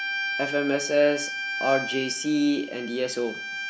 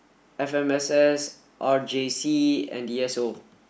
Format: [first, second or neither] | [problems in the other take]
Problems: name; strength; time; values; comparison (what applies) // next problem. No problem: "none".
second | background sound (Bowed string instrument); 6 dB below the speech